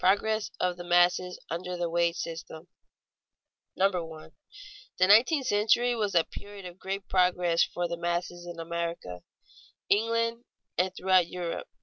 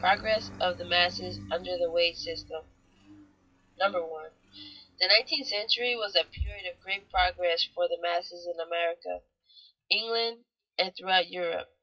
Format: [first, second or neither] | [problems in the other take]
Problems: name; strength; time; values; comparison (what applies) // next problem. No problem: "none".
first | noise reduction (classical method WPE with log-MMSE)